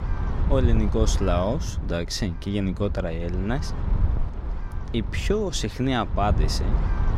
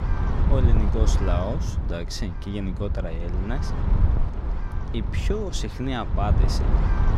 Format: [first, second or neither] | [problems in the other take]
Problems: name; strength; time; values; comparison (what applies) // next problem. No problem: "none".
first | wind noise on the microphone; heavy; 4 dB below the speech; occasional gusts in the first